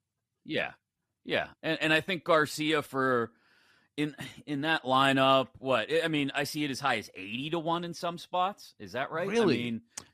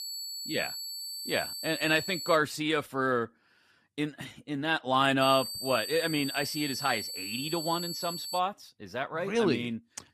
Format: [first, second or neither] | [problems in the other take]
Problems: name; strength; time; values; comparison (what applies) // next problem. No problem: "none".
first | high-pitched whine; loud; until 2.5 s and from 5 to 8.5 s; 4.5 kHz, 6 dB below the speech